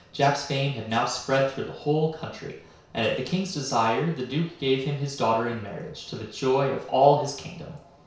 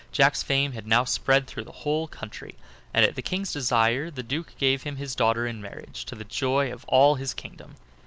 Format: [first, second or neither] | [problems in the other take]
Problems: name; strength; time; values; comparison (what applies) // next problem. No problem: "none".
second | room echo; dies away in 0.6 s